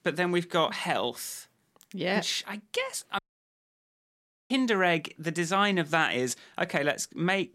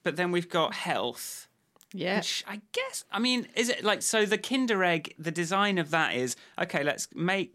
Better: second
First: audio cutting out; at 3 s for 1.5 s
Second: none

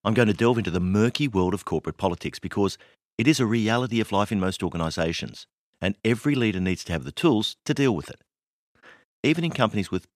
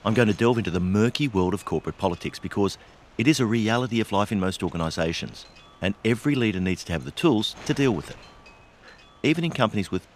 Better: first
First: none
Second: wind noise on the microphone; occasional gusts; 20 dB below the speech

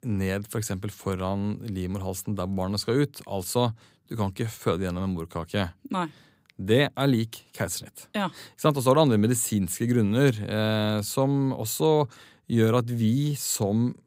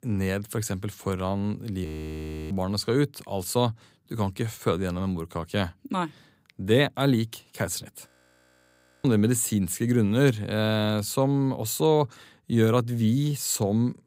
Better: first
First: none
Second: audio freezing; at 2 s for 0.5 s and at 8 s for 1 s

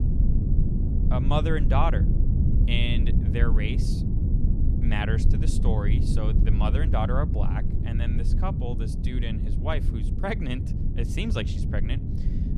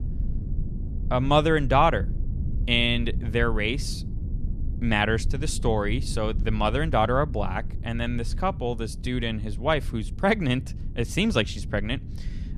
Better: second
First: low rumble; loud; throughout; 6 dB below the speech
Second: low rumble; faint; throughout; 20 dB below the speech

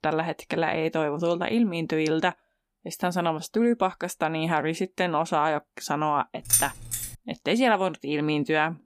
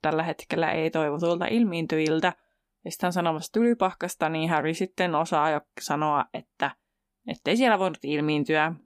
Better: second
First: jangling keys; loud; at 6.5 s; peak 4 dB above the speech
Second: none

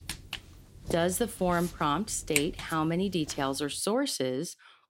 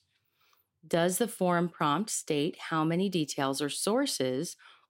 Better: second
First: footsteps; noticeable; until 2.5 s; peak 1 dB below the speech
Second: none

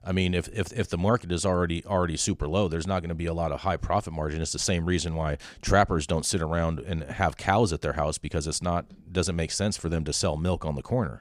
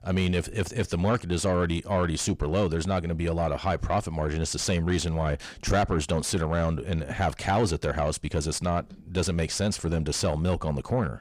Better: first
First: none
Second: distortion; slight; 10 dB below the speech

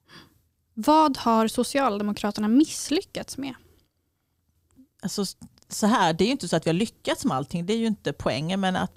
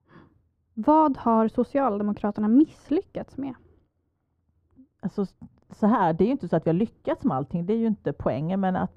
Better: first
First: none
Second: muffled; very; fading above 2.5 kHz

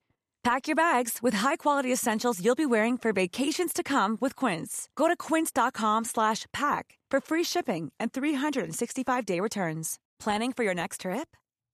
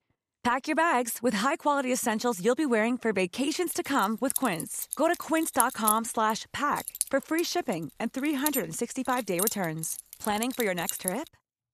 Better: first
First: none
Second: jangling keys; loud; from 4.5 to 11 s; peak 2 dB above the speech

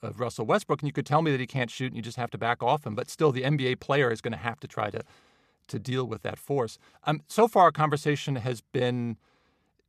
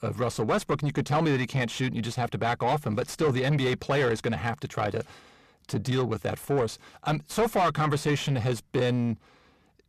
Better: first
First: none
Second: distortion; heavy; 6 dB below the speech

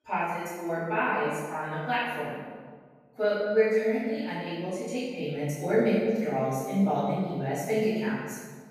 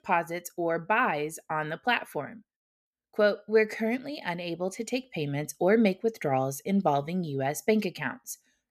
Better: second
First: off-mic speech; far // room echo; strong; dies away in 1.4 s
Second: none

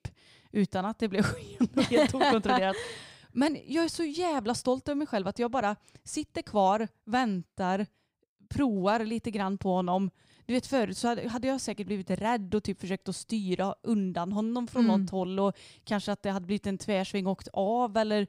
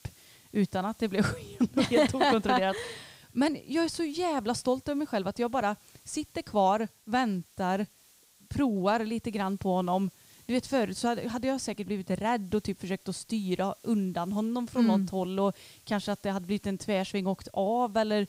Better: first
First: none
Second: hiss; faint; throughout; 25 dB below the speech

